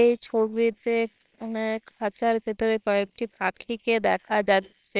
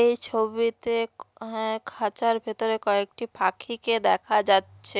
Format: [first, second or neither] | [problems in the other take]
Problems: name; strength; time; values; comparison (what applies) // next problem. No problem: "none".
second | noise reduction (neural separator model SepFormer WHAMR!)